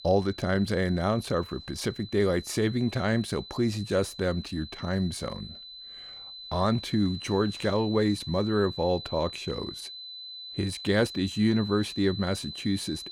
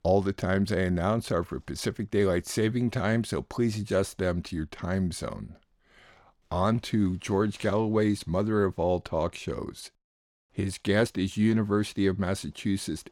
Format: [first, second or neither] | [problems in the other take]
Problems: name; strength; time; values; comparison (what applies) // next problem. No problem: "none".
second | high-pitched whine; noticeable; throughout; 4 kHz, 10 dB below the speech